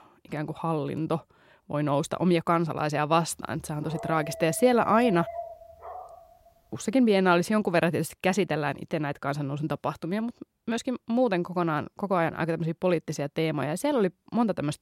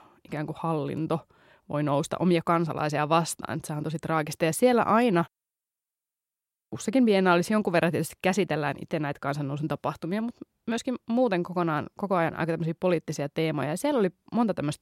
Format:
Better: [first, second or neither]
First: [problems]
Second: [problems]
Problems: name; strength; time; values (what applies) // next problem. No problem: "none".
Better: second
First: dog barking; noticeable; from 4 to 6 s; peak 8 dB below the speech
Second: none